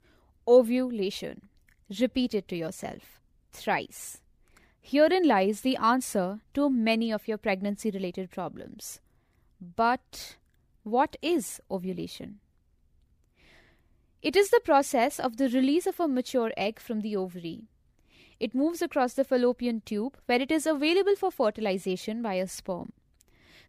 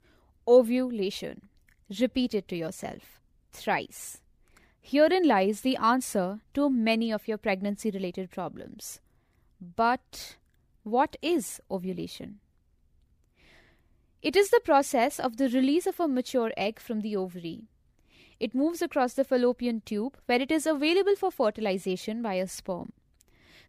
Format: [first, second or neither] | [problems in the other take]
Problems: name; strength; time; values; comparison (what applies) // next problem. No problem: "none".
neither | none